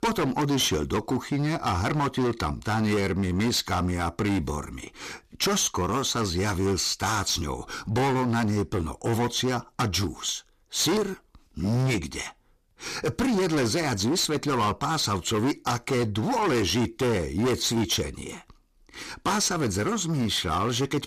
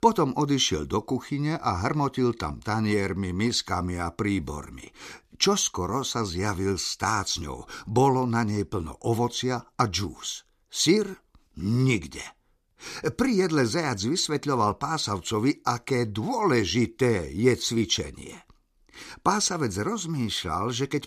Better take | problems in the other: second | distortion; heavy; 19% of the sound clipped

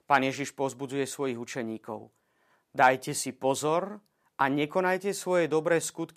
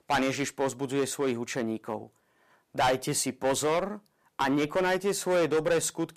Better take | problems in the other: first | distortion; heavy; 8% of the sound clipped

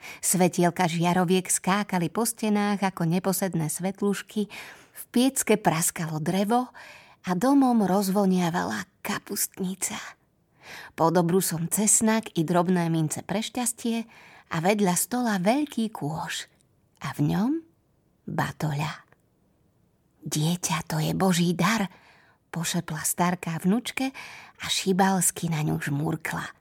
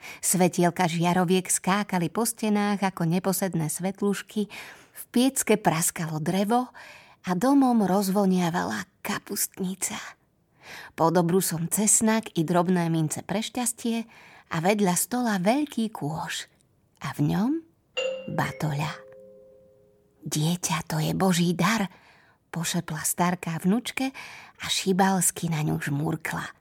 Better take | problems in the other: first | doorbell; noticeable; at 18 s; peak 5 dB below the speech

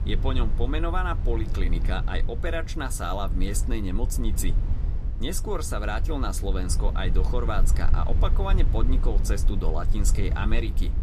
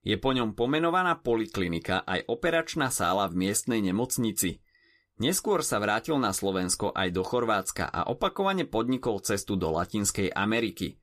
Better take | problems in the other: second | low rumble; noticeable; throughout; 10 dB below the speech

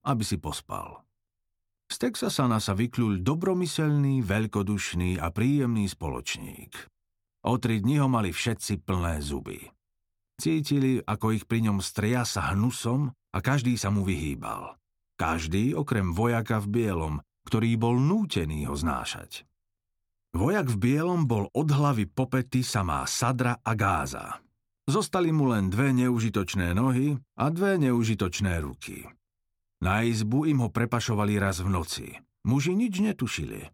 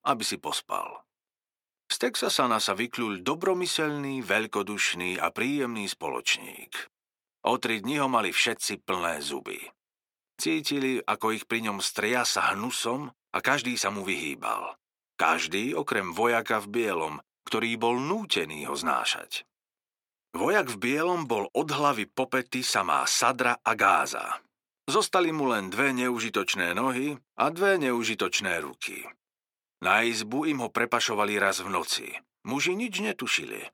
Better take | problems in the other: first | thin; somewhat; fading below 450 Hz

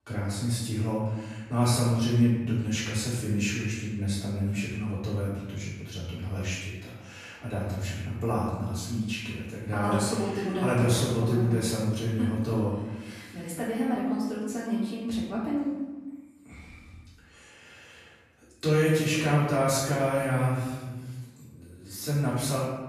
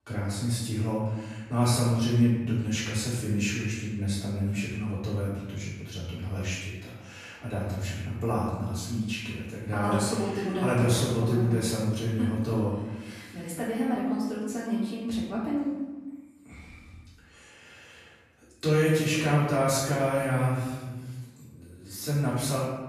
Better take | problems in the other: neither | off-mic speech; far; the same in both // room echo; noticeable; dies away in 1.2 s; the same in both

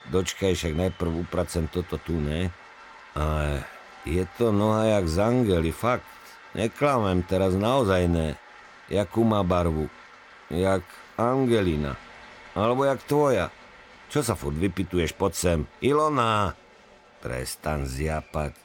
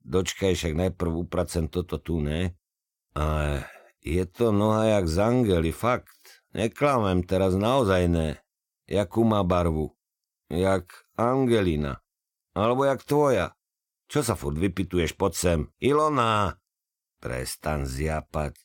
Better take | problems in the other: second | crowd noise; faint; throughout; 20 dB below the speech

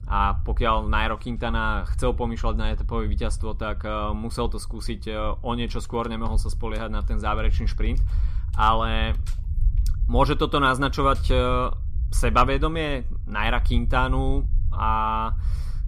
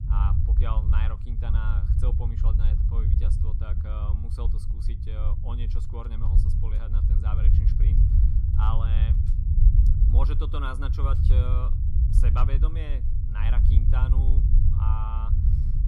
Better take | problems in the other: first | low rumble; loud; throughout; 3 dB below the speech; faint in the first

